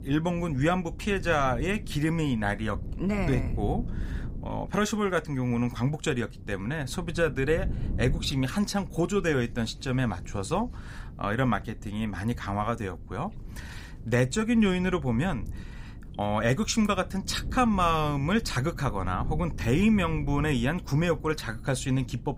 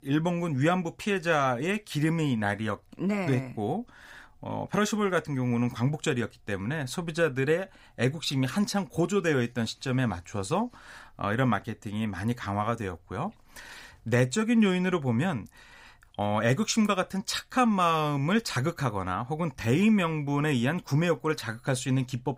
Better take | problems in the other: second | wind noise on the microphone; occasional gusts; 20 dB below the speech

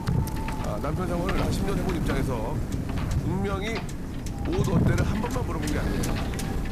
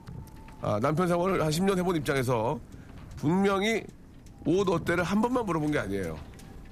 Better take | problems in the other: second | wind noise on the microphone; heavy; 1 dB below the speech; occasional gusts in the second

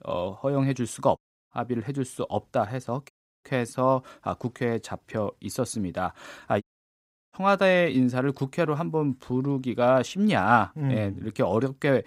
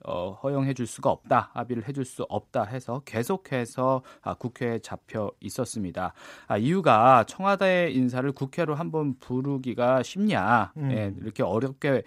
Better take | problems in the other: second | audio cutting out; at 1 s, at 3 s and at 6.5 s for 0.5 s

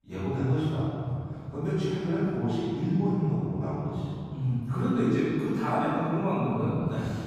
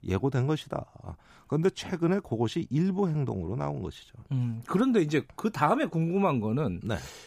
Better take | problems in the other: second | off-mic speech; far // room echo; strong; dies away in 3 s

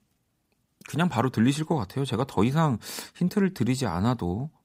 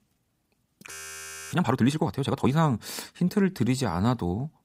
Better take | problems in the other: first | audio freezing; at 1 s for 0.5 s

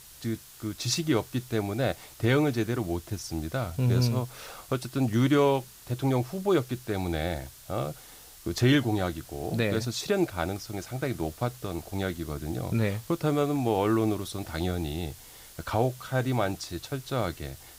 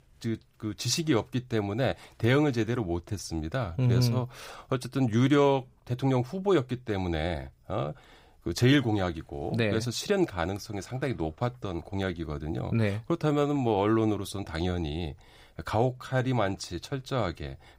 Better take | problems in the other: second | hiss; noticeable; throughout; 20 dB below the speech

